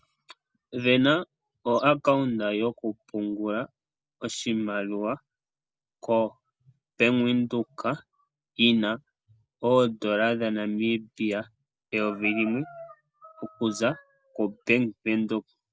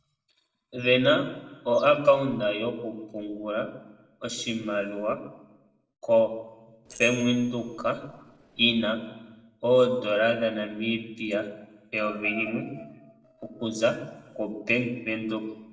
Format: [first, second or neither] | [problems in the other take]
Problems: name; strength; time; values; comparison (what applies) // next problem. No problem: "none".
first | noise reduction (neural separator model SepFormer DNS4)